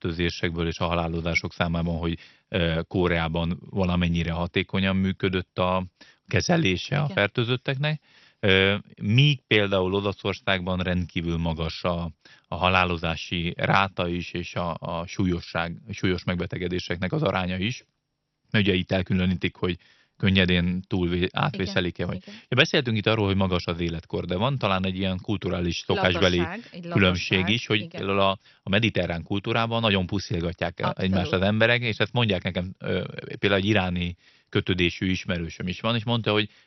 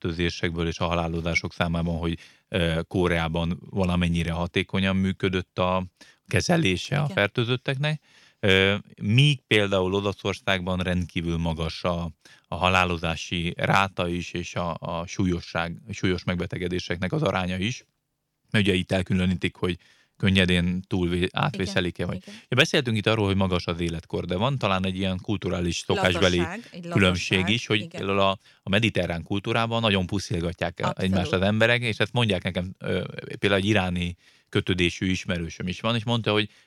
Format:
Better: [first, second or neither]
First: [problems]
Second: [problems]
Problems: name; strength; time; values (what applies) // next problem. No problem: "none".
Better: second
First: garbled, watery; slightly; nothing above 6 kHz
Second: none